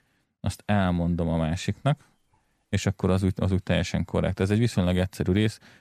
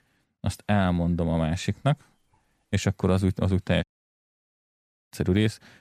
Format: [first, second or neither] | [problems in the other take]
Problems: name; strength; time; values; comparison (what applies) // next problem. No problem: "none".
first | audio cutting out; at 4 s for 1.5 s